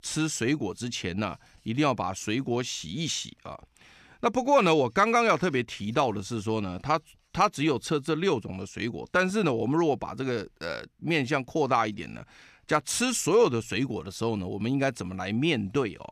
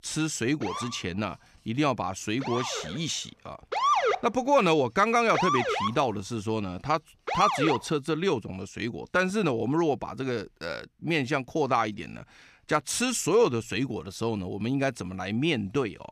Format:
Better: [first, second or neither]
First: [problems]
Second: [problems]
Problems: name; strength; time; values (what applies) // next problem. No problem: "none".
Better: first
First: none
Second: siren; loud; from 0.5 to 8 s; peak 4 dB above the speech